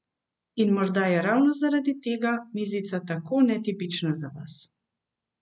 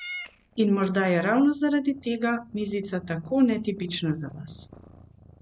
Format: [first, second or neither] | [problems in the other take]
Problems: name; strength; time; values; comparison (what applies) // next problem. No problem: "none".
first | background sound (Meow / Purr); 20 dB below the speech